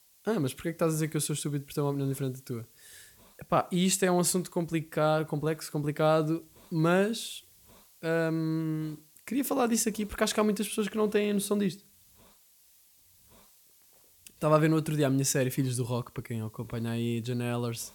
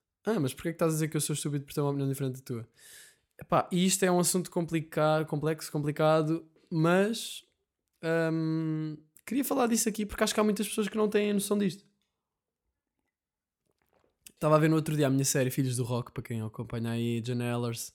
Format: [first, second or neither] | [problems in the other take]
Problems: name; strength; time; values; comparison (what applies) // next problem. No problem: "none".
second | hiss; faint; throughout; 25 dB below the speech